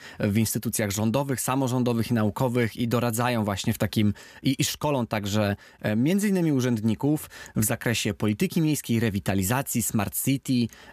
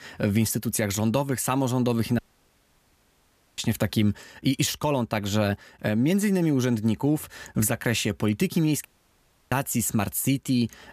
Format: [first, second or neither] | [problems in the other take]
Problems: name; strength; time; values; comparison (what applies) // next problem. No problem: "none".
first | audio cutting out; at 2 s for 1.5 s and at 9 s for 0.5 s